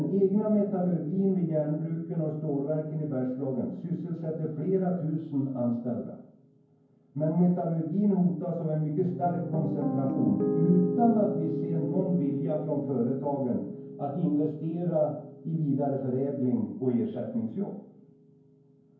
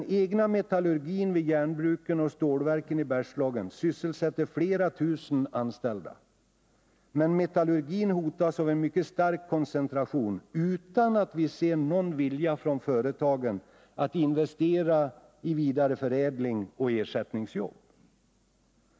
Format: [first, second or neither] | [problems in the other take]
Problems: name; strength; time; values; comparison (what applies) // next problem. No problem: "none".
second | background sound (Piano); 9 dB below the speech // room echo; dies away in 0.9 s